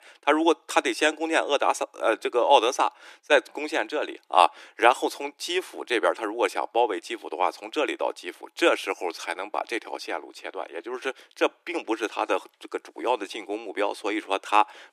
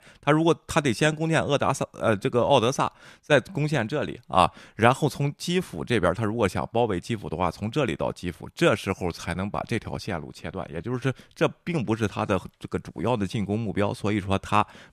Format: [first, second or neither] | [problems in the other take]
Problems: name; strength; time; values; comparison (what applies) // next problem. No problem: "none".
second | thin; very; fading below 300 Hz